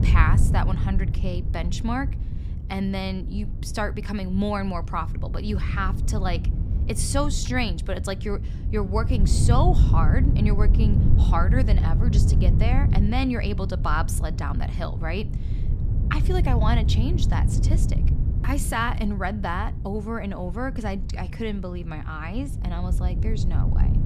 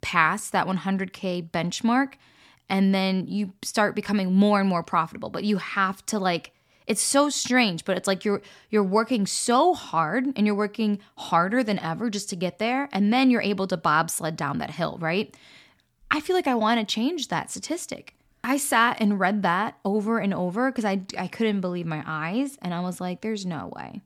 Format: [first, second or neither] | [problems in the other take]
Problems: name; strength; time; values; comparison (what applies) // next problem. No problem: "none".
second | wind noise on the microphone; heavy; 9 dB below the speech